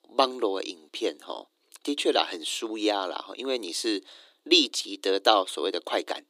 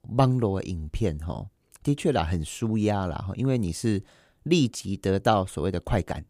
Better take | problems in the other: second | thin; very; fading below 300 Hz

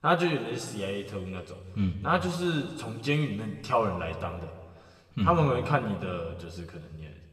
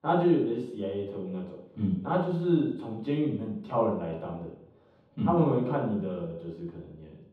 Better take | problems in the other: first | room echo; strong; dies away in 0.9 s; slight in the first // off-mic speech; far; somewhat distant in the first

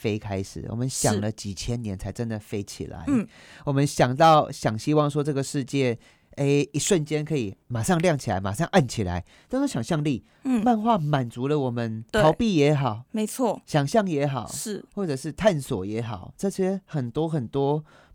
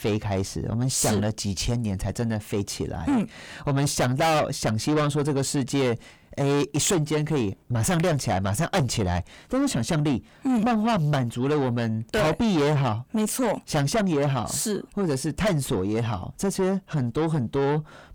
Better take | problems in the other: first | distortion; heavy; 5 dB below the speech

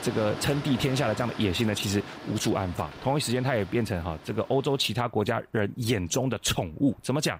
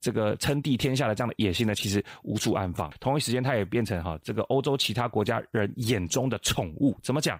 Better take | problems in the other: second | train or aircraft noise; noticeable; throughout; 15 dB below the speech

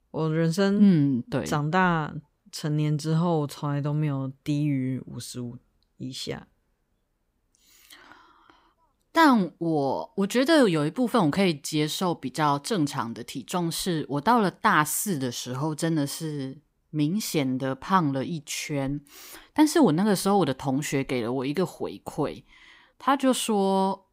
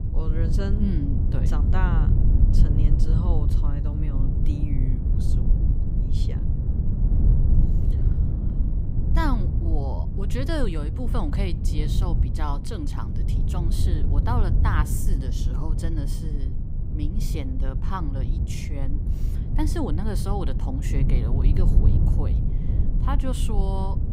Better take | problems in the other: first | low rumble; loud; throughout; 4 dB below the speech

